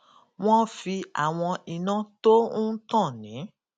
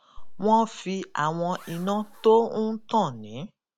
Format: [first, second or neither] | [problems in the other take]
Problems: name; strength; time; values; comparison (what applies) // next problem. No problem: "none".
first | background sound (Zipper (clothing)); 16 dB below the speech